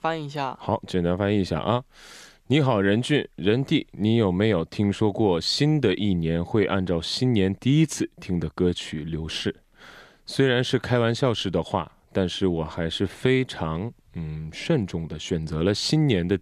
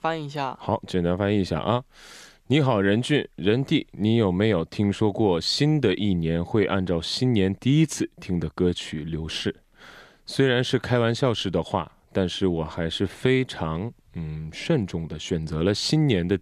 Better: neither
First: none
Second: none

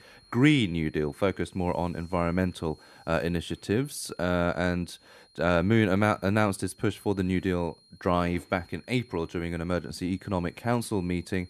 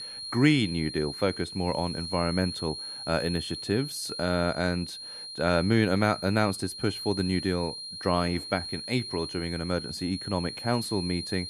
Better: first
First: high-pitched whine; faint; throughout; 4 kHz, 30 dB below the speech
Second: high-pitched whine; loud; throughout; 4 kHz, 7 dB below the speech

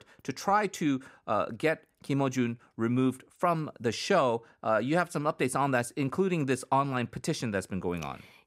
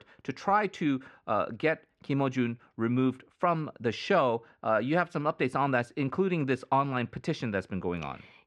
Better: first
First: none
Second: muffled; slightly; fading above 3 kHz

